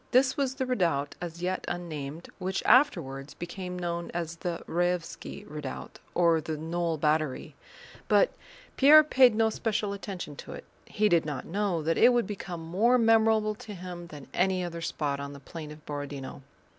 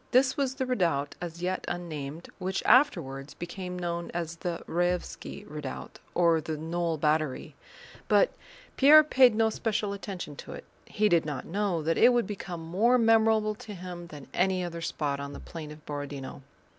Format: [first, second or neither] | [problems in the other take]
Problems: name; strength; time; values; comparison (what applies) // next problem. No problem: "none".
first | background sound (Bass drum); 15 dB below the speech